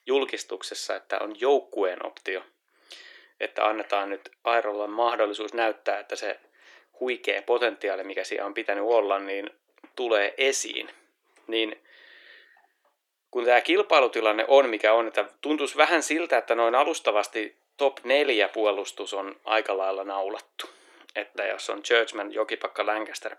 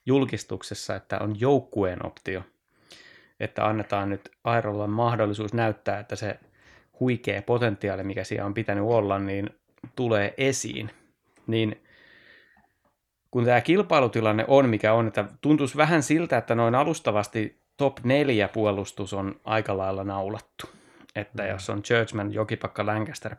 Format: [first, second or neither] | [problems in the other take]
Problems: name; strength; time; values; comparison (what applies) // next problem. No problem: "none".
second | thin; very; fading below 350 Hz